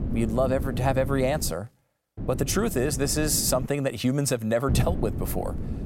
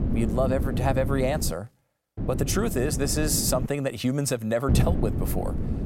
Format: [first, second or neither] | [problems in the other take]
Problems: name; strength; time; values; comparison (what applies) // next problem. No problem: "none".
first | wind noise on the microphone; heavy; until 1.5 s, from 2 to 3.5 s and from 4.5 s on; 9 dB below the speech; occasional gusts in the first